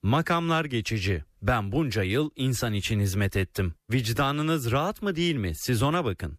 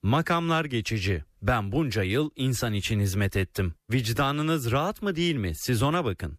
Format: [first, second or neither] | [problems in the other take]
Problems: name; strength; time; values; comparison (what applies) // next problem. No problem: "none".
neither | none